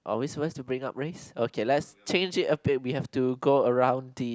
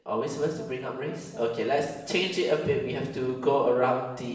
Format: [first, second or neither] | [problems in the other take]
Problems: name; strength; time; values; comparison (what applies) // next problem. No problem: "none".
first | background sound (Brass instrument); 20 dB below the speech // room echo; dies away in 0.9 s